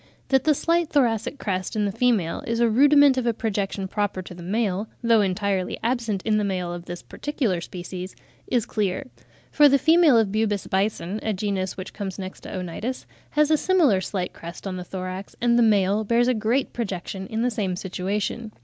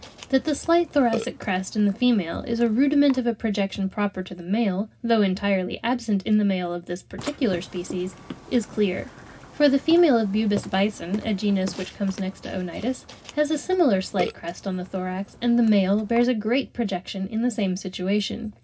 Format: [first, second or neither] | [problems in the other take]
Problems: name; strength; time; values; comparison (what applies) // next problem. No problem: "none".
first | background sound (Burping, eructation); 18 dB below the speech // room echo; dies away in 0.4 s